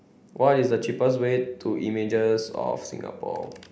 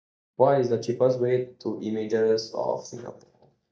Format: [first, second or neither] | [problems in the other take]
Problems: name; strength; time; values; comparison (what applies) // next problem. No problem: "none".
first | noise reduction (neural mask model DeepFilterNet 3)